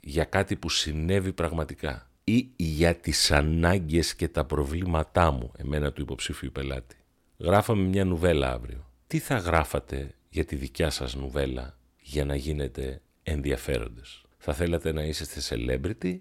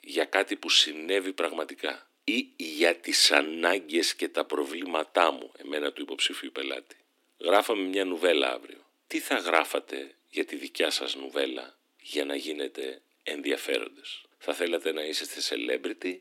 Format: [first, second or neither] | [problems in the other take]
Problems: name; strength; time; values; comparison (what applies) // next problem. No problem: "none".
first | thin; somewhat; fading below 300 Hz